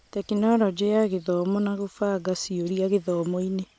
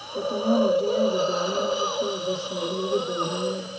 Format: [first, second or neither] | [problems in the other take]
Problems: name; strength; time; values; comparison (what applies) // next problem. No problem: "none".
first | background sound (Hiss); 3 dB above the speech // room echo; dies away in 0.4 s